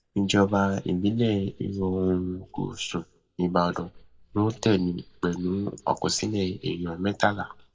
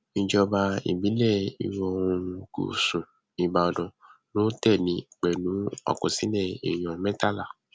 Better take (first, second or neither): second